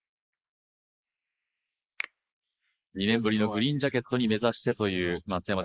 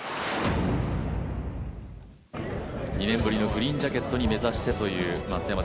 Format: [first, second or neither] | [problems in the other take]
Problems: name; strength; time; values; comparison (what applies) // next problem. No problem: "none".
second | noise reduction (neural mask model Resemble Enhance denoiser)